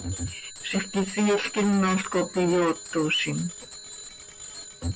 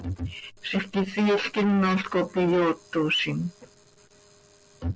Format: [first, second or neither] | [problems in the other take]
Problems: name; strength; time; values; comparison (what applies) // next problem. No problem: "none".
second | background sound (Bicycle bell); 13 dB below the speech